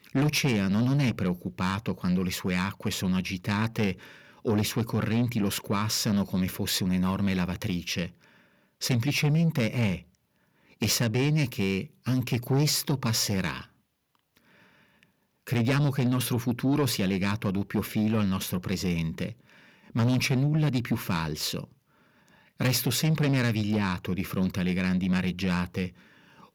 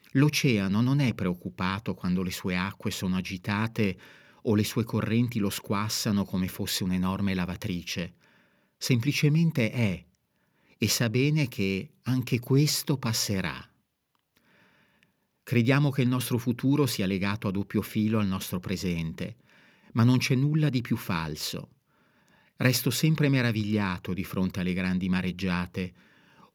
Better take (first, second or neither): second